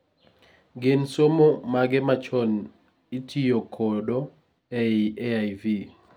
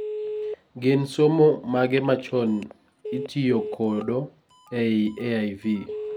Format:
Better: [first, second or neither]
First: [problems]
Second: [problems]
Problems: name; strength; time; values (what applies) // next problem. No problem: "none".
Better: first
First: none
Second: background sound (Telephone); 12 dB below the speech